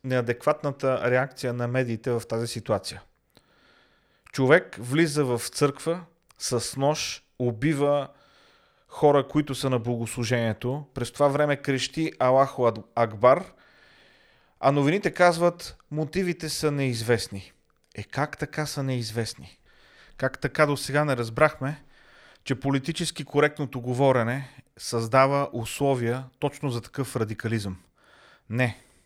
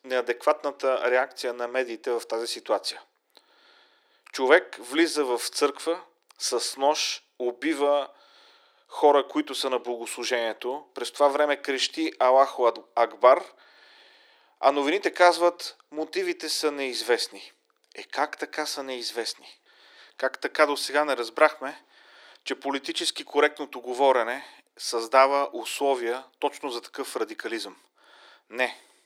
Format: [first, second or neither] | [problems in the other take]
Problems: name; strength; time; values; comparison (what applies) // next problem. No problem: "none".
first | thin; somewhat; fading below 300 Hz